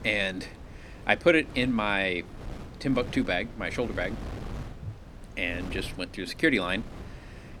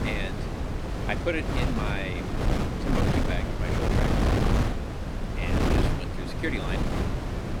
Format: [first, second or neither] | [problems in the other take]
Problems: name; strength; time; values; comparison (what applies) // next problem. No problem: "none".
first | wind noise on the microphone; heavy; 2 dB above the speech; occasional gusts in the first